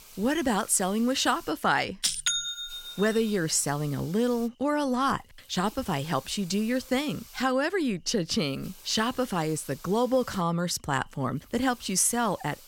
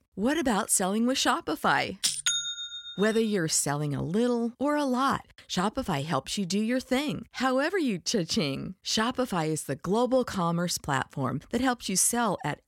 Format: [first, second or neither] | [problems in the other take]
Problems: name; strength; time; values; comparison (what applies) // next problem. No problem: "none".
second | hiss; faint; throughout; 20 dB below the speech